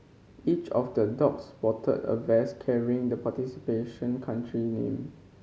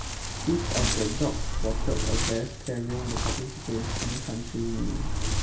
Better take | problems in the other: first | background sound (Wind); 3 dB above the speech // room echo; dies away in 0.2 s

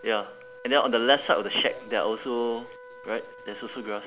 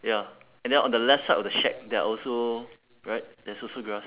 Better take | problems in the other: second | background sound (Wind instrument, woodwind instrument); 18 dB below the speech

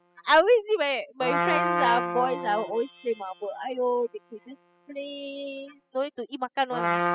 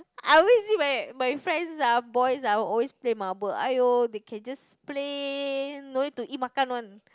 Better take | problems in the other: second | noise reduction (classical method spectral subtraction)

